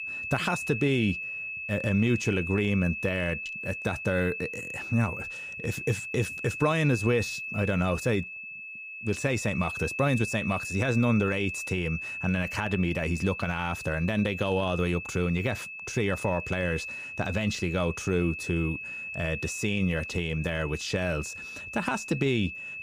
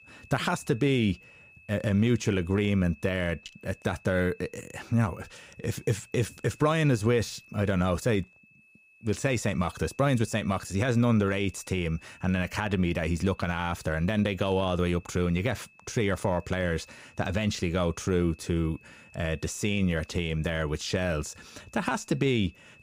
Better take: second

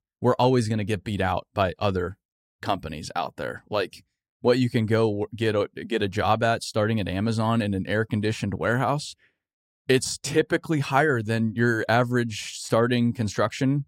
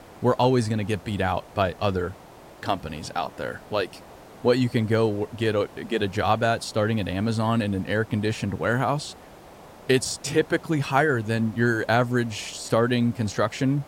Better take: first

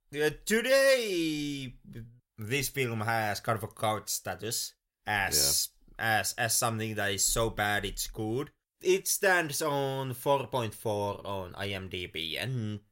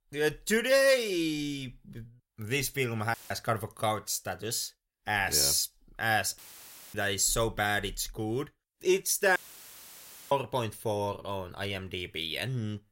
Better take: first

